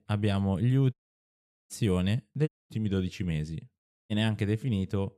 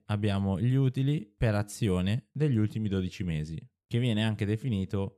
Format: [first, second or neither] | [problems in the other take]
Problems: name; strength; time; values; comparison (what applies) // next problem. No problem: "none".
second | audio cutting out; at 1 s for 1 s, at 2.5 s and at 4 s